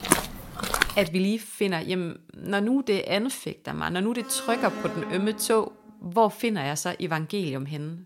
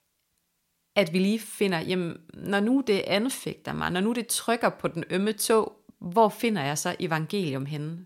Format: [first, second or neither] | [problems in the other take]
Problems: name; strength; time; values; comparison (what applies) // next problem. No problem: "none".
second | footsteps; loud; at the start; peak 3 dB above the speech // alarm; noticeable; from 4 to 6 s; peak 6 dB below the speech